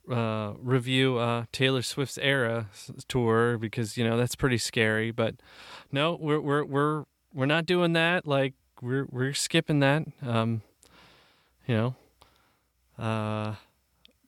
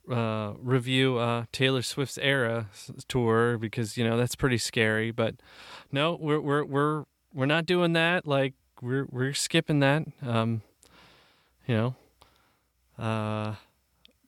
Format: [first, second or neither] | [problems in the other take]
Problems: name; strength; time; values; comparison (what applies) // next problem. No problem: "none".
neither | none